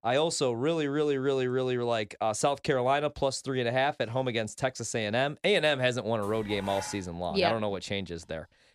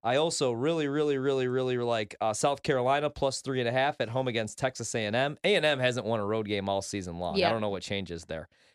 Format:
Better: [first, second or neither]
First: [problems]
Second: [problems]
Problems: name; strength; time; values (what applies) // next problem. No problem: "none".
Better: second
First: clattering dishes; faint; at 6 s; peak 10 dB below the speech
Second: none